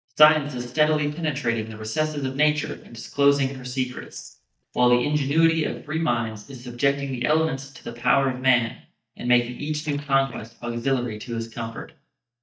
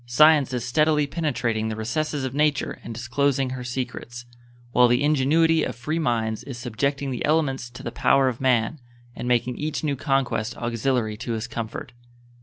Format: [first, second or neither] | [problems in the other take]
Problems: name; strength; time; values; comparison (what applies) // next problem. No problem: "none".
second | noise reduction (neural mask model DeepFilterNet 3)